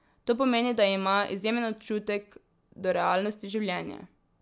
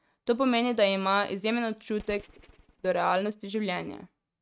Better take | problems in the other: first | noise reduction (neural mask model RNNoise)

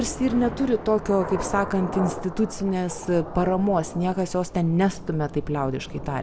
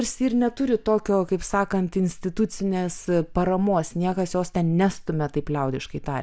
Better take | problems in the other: second | background sound (Thunder / Rain); 11 dB below the speech

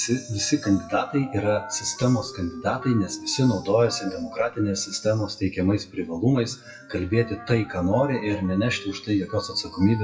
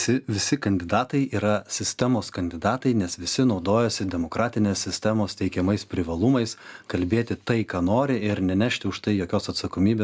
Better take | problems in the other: second | noise reduction (classical method WPE with log-MMSE)

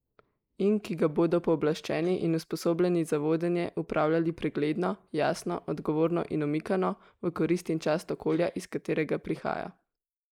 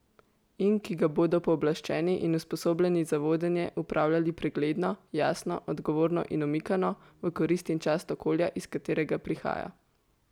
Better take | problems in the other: second | noise reduction (neural mask model Resemble Enhance denoiser)

